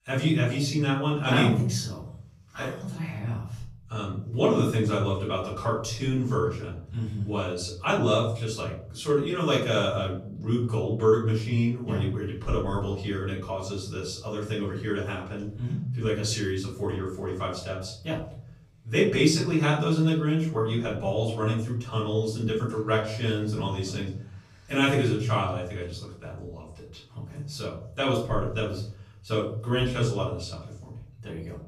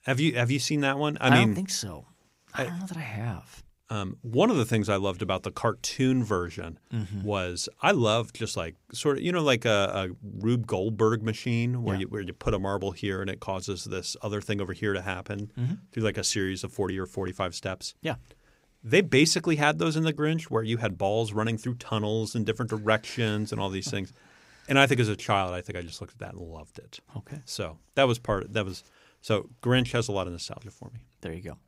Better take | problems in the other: second | off-mic speech; far // room echo; noticeable; dies away in 0.8 s

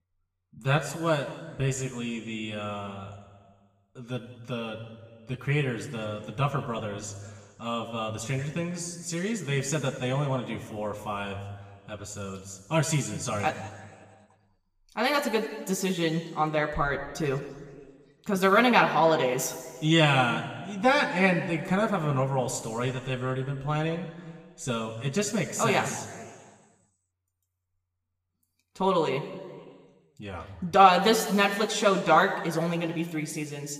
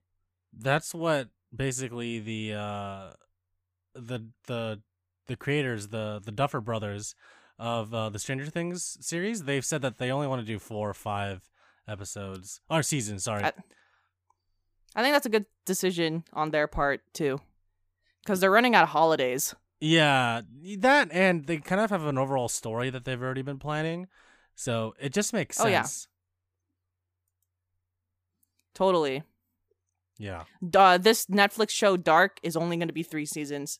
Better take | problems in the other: second | room echo; slight; dies away in 1.5 s // off-mic speech; somewhat distant

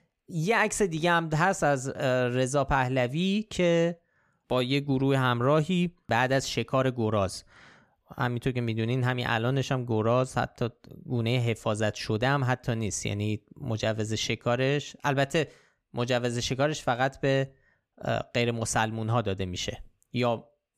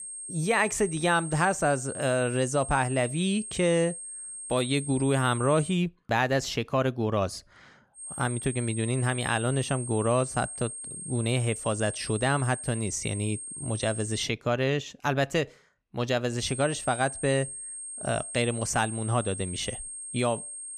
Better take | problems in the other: first | high-pitched whine; loud; until 5.5 s, from 8 to 14 s and from 16 s on; 8.5 kHz, 8 dB below the speech

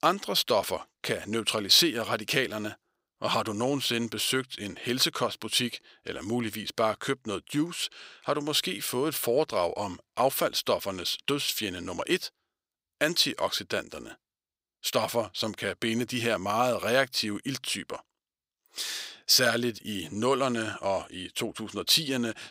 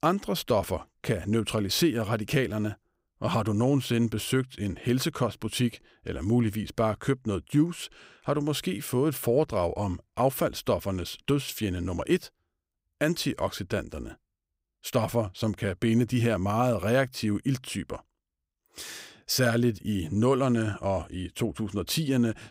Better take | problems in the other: second | thin; somewhat; fading below 650 Hz

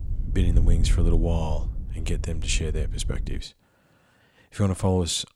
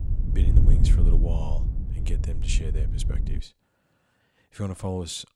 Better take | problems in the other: first | wind noise on the microphone; heavy; until 3.5 s; 4 dB below the speech; occasional gusts in the first

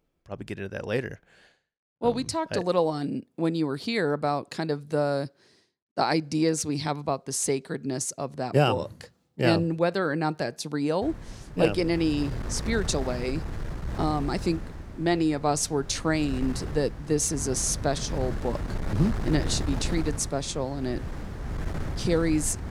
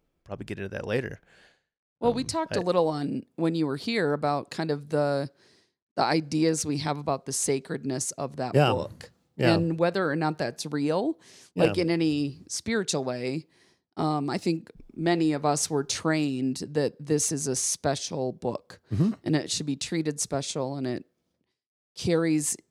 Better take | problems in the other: second | wind noise on the microphone; occasional gusts; from 11 s on; 15 dB below the speech

